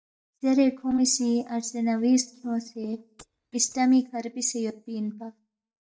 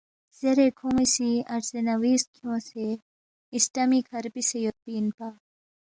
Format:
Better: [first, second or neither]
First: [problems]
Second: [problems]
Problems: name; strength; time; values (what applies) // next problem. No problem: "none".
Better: second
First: noise reduction (neural mask model DeepFilterNet 3)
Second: none